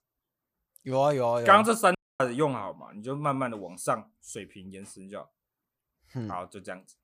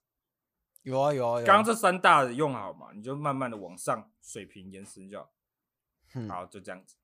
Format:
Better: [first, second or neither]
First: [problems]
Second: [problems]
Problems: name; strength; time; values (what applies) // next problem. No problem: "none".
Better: second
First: audio cutting out; at 2 s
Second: none